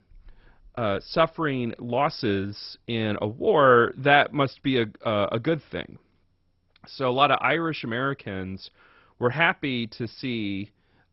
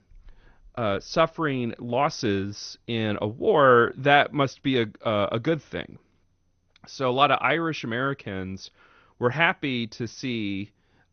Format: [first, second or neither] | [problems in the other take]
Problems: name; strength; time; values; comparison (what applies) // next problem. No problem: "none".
second | garbled, watery; badly; nothing above 5.5 kHz; slightly in the second